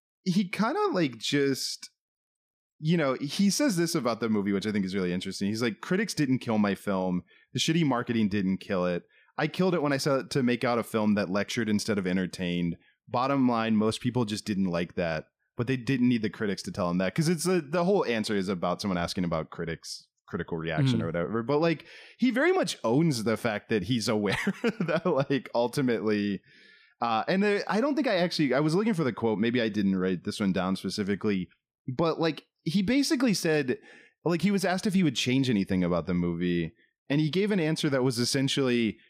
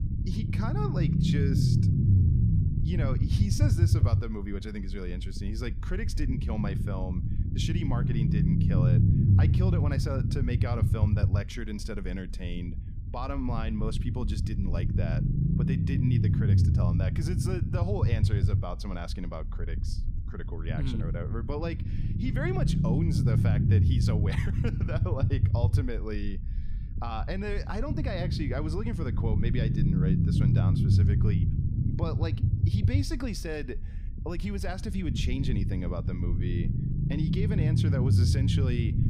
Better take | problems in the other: first | low rumble; loud; throughout; as loud as the speech

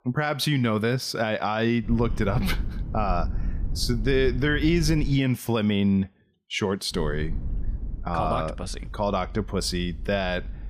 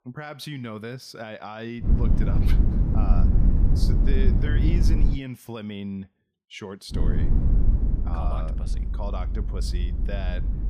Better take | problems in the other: first | low rumble; loud; from 2 to 5 s and from 7 s on; 1 dB below the speech; faint in the first

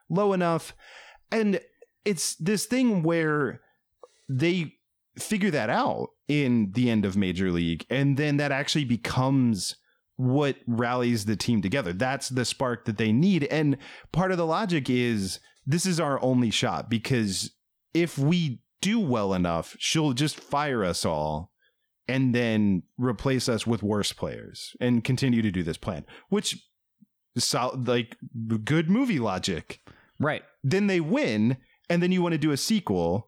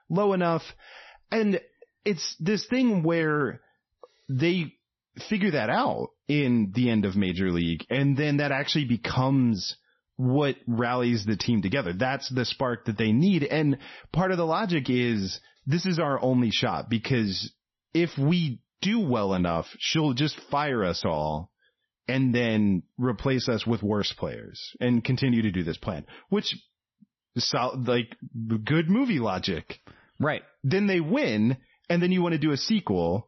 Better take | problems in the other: first | garbled, watery; slightly; nothing above 6 kHz

